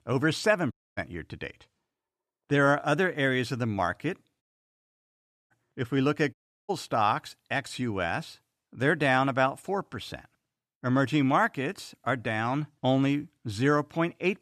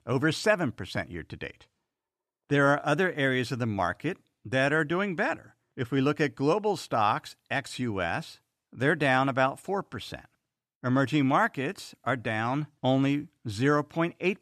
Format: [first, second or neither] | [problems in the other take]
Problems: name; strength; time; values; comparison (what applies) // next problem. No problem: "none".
second | audio cutting out; at 0.5 s, at 4.5 s for 1 s and at 6.5 s